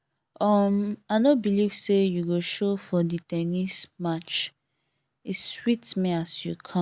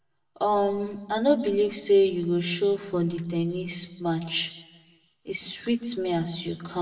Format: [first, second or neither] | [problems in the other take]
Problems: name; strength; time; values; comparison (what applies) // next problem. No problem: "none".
first | room echo; dies away in 1 s